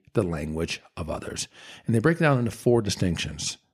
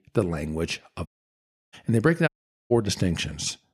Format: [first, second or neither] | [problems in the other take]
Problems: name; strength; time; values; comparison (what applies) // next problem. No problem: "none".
first | audio cutting out; at 1 s for 0.5 s and at 2.5 s